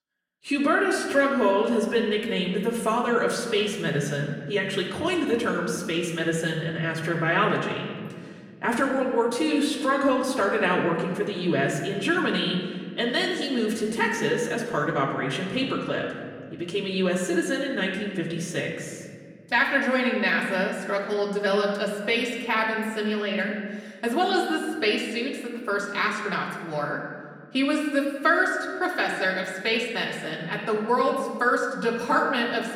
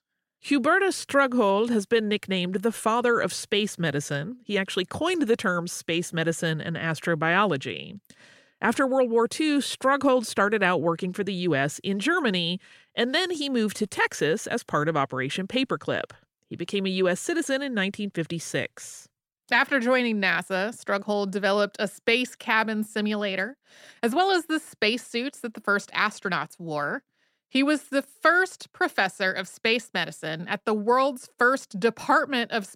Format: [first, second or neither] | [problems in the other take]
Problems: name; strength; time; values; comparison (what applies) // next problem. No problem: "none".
second | room echo; noticeable; dies away in 1.6 s // off-mic speech; far